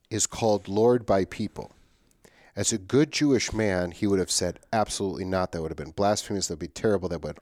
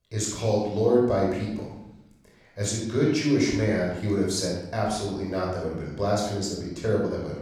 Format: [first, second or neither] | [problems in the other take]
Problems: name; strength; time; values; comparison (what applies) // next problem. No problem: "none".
first | room echo; noticeable; dies away in 0.8 s // off-mic speech; far